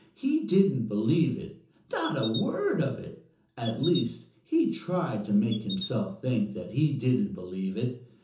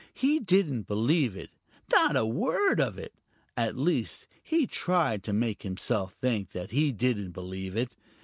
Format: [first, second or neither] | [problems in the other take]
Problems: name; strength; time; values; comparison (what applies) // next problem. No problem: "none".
second | background sound (Chirp, tweet); 15 dB below the speech // room echo; dies away in 0.6 s